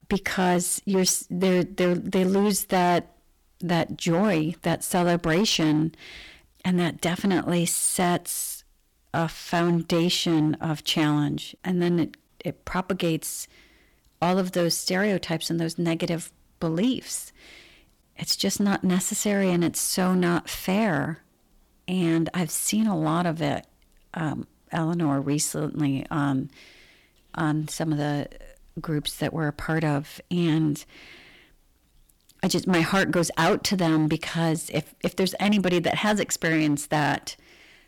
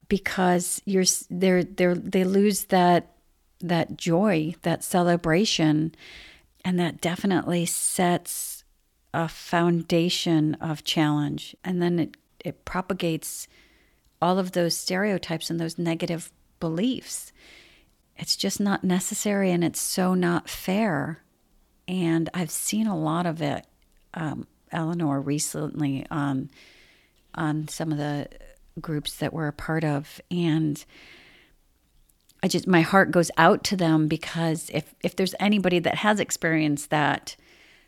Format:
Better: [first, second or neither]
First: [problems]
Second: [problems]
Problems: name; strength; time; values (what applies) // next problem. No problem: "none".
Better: second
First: distortion; slight; 7% of the sound clipped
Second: none